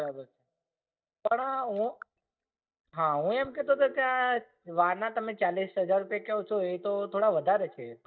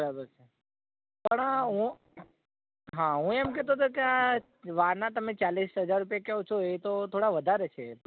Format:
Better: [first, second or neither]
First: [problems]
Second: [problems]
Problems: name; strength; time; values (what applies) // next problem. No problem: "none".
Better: second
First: noise reduction (neural mask model DeepFilterNet 3)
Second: none